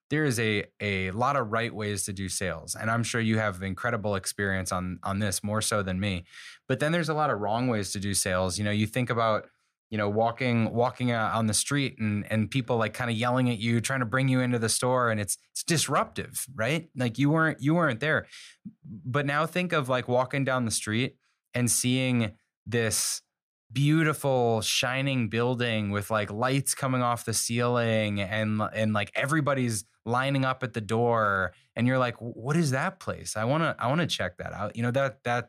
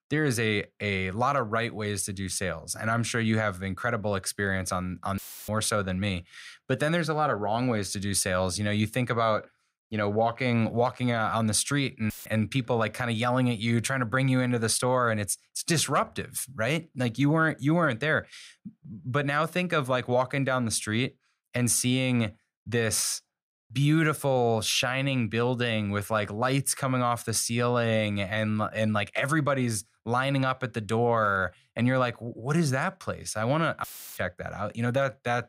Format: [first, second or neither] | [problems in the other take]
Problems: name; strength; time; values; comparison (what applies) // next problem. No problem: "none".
first | audio cutting out; filled with static; at 5 s, at 12 s and at 34 s